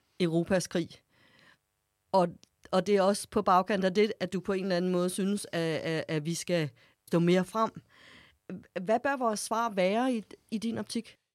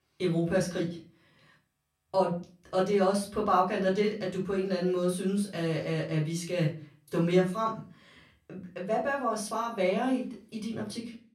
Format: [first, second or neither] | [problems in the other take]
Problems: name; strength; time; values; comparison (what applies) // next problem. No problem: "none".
first | off-mic speech; far // room echo; slight; dies away in 0.3 s